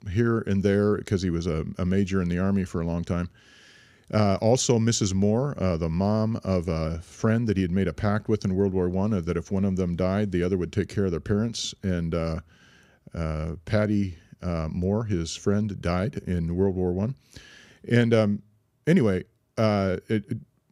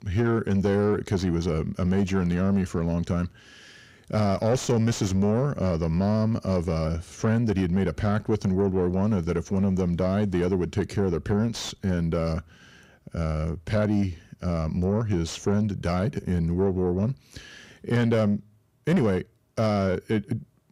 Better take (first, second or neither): first